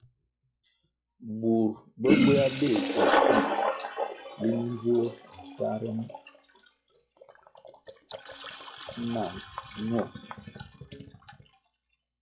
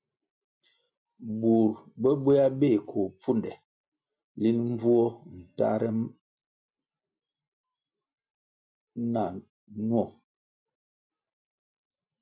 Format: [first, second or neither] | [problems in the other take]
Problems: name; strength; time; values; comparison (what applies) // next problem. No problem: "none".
second | noise reduction (classical method log-MMSE)